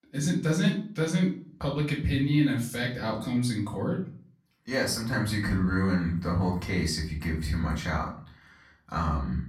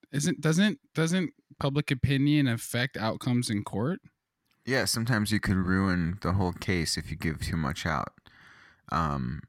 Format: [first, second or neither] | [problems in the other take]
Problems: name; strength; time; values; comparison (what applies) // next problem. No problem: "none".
second | off-mic speech; far // room echo; slight; dies away in 0.4 s